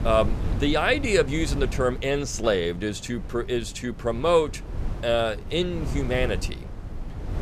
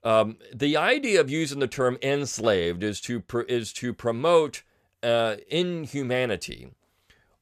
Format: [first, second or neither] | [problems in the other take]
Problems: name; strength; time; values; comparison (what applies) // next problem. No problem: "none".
second | wind noise on the microphone; occasional gusts; 15 dB below the speech